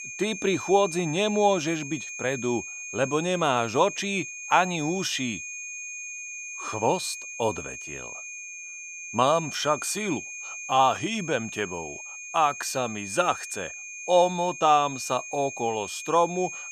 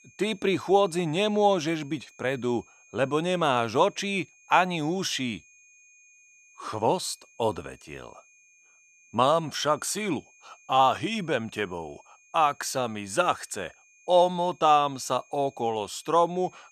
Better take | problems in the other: second | high-pitched whine; loud; throughout; 2.5 kHz, 9 dB below the speech; faint in the second

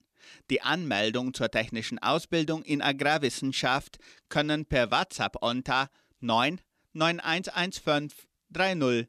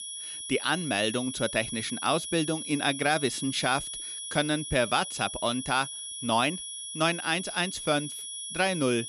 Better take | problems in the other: first | high-pitched whine; loud; throughout; 10 kHz, 7 dB below the speech

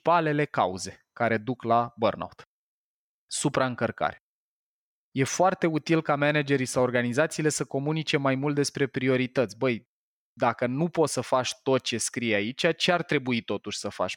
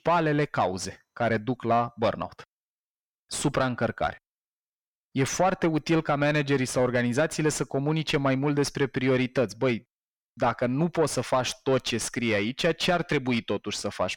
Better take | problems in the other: first | distortion; slight; 10 dB below the speech

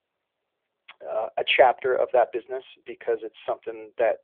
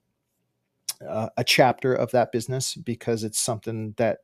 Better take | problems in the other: second | phone-call audio; nothing above 3.5 kHz

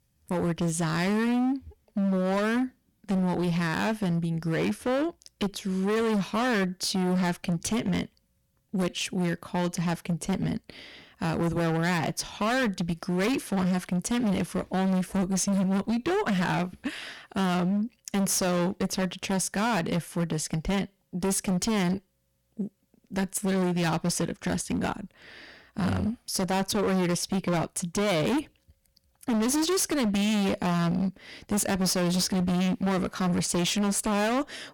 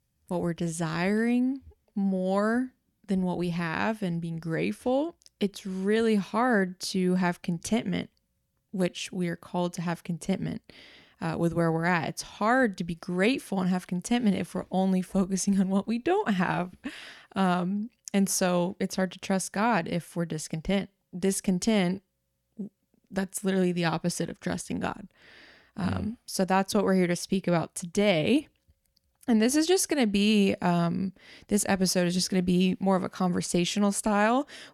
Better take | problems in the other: second | distortion; heavy; 23% of the sound clipped

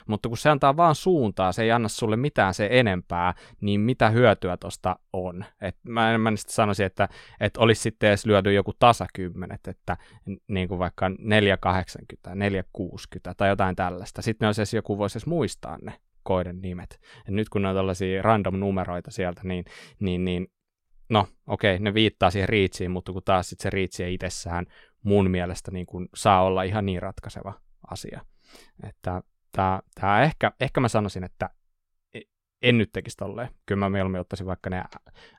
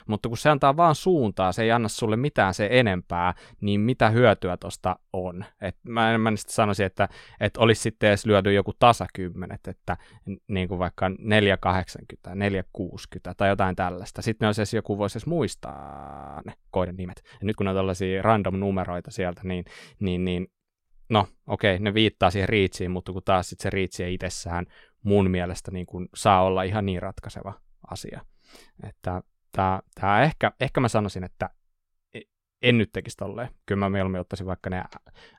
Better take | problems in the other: first | audio freezing; at 16 s for 0.5 s

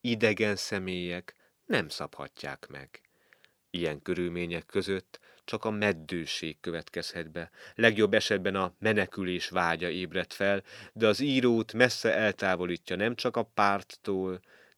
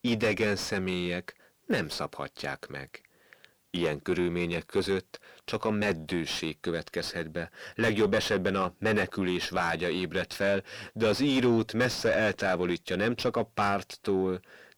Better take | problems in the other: first | distortion; heavy; 6 dB below the speech

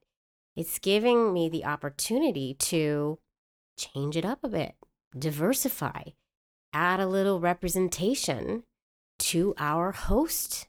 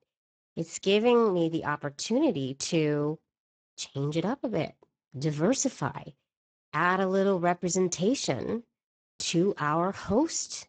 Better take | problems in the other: first | garbled, watery; badly; nothing above 7.5 kHz

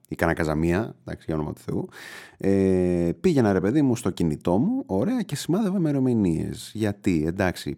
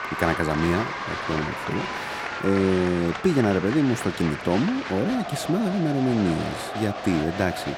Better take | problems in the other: first | crowd noise; loud; throughout; 6 dB below the speech

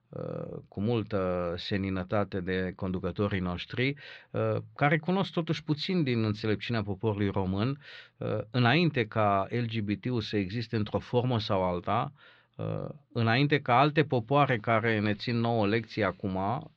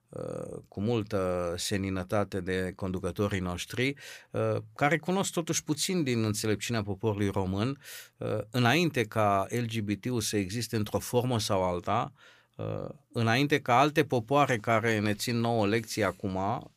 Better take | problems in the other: second | muffled; very slightly; fading above 4 kHz

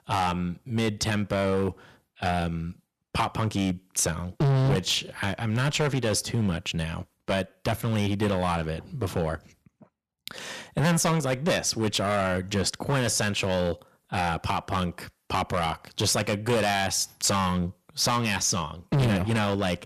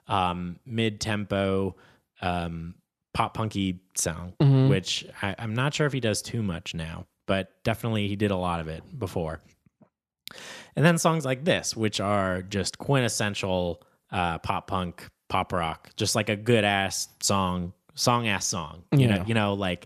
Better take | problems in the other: second | distortion; heavy; 10% of the sound clipped

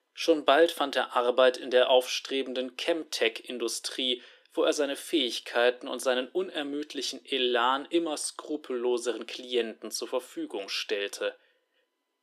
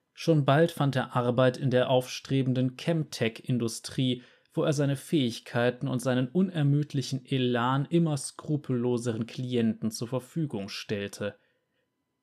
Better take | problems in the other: second | thin; very; fading below 300 Hz

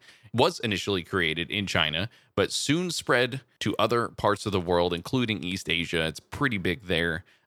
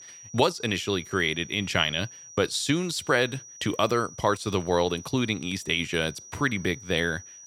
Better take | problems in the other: first | high-pitched whine; noticeable; throughout; 6 kHz, 15 dB below the speech

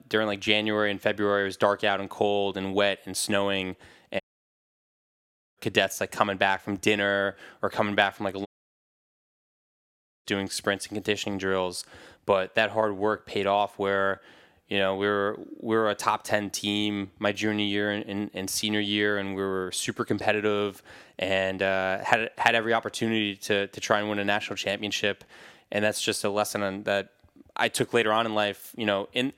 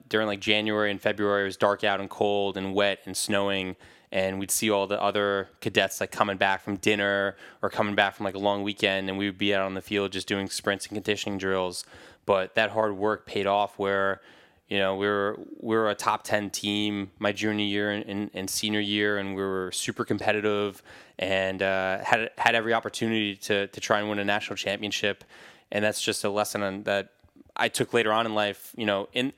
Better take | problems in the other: second | audio cutting out; at 4 s for 1.5 s and at 8.5 s for 2 s

